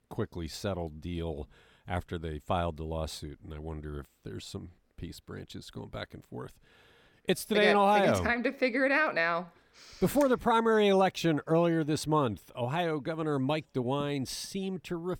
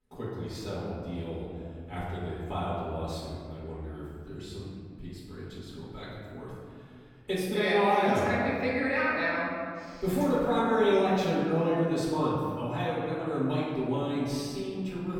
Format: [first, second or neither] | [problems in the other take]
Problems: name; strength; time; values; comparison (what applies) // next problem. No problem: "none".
first | off-mic speech; far // room echo; strong; dies away in 2 s